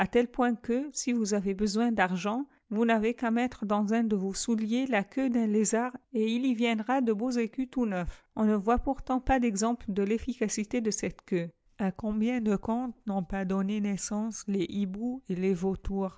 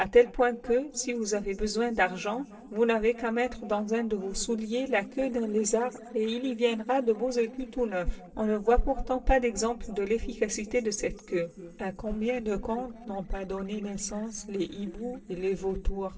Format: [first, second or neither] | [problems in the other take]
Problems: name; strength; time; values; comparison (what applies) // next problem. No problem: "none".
first | noise reduction (neural separator model SepFormer DNS4)